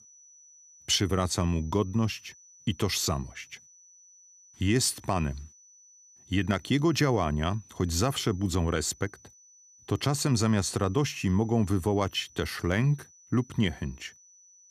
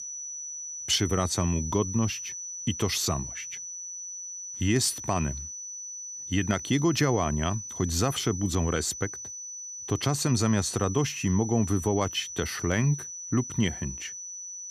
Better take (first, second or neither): first